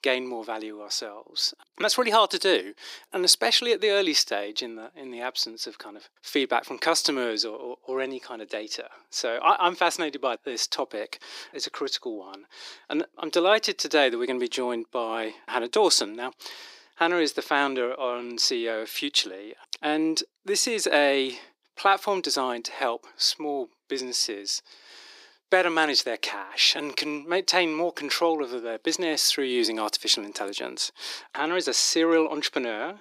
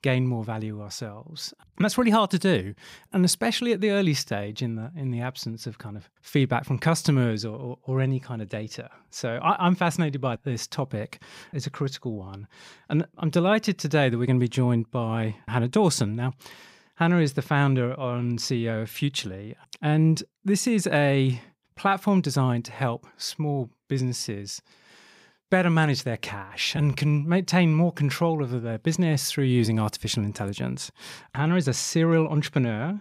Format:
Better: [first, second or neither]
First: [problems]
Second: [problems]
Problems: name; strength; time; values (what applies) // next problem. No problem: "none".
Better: second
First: thin; very; fading below 300 Hz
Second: none